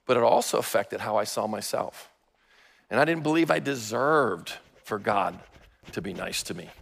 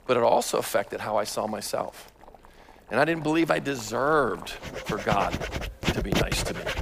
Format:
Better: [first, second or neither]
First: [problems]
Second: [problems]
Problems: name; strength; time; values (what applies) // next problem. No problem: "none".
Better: first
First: household noises; faint; throughout; 25 dB below the speech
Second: household noises; loud; throughout; 5 dB below the speech